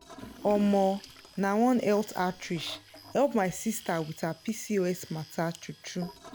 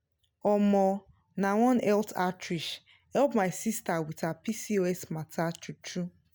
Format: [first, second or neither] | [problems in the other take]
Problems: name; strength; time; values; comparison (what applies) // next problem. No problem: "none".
second | background sound (Toilet flush / Gurgling + Tools); 19 dB below the speech